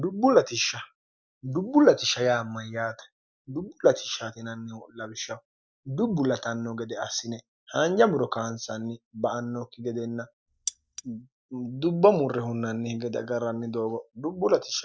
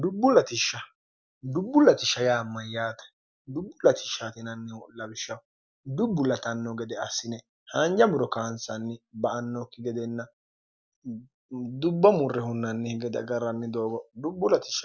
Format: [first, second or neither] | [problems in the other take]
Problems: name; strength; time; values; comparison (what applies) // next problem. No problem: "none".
second | noise reduction (neural mask model DeepFilterNet 3)